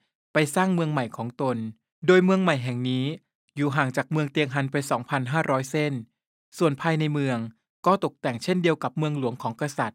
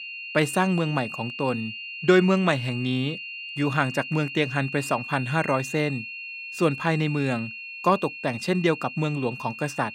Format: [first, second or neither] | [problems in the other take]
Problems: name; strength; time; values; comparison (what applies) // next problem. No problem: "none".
first | high-pitched whine; loud; throughout; 2.5 kHz, 9 dB below the speech